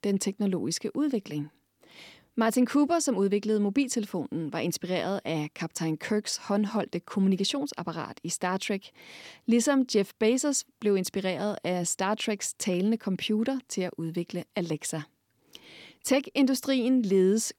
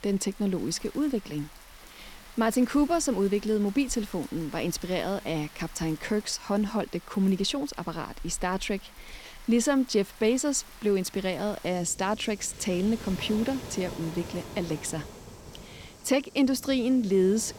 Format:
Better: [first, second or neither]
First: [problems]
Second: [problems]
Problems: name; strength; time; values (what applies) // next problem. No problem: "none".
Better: first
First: none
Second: rain or running water; noticeable; throughout; 15 dB below the speech